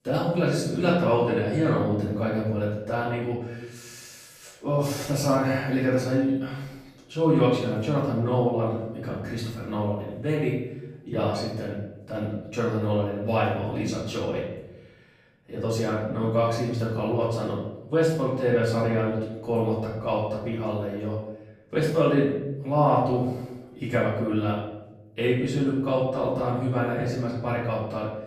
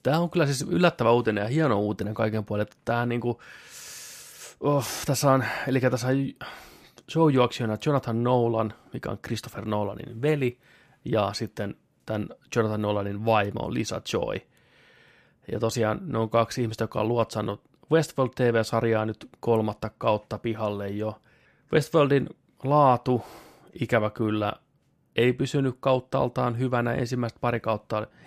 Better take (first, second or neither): second